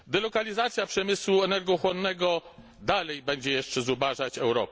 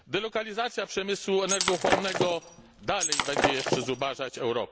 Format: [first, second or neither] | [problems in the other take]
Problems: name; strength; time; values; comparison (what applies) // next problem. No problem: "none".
first | background sound (Shatter); 1 dB above the speech